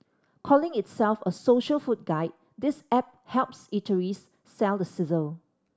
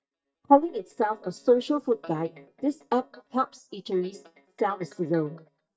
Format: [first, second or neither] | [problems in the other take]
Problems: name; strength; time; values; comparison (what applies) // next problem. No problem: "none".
first | noise reduction (neural mask model DeepFilterNet 3)